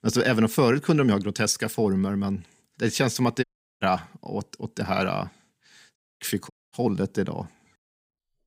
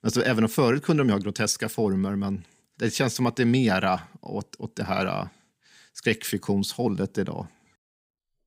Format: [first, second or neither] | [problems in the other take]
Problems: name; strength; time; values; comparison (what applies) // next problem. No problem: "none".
second | audio cutting out; at 3.5 s, at 6 s and at 6.5 s